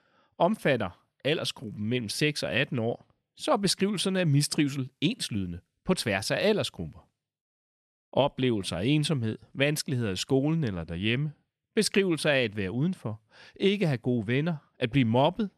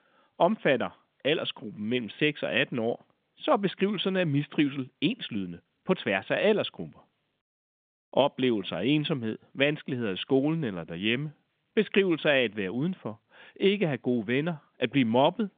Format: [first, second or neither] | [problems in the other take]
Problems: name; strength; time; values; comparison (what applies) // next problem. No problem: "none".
first | phone-call audio; nothing above 3.5 kHz